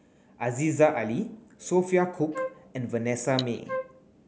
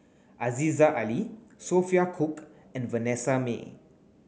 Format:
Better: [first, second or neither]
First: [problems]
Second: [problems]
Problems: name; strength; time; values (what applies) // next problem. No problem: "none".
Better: second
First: background sound (Cutlery, silverware + Wind instrument, woodwind instrument); 8 dB below the speech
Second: none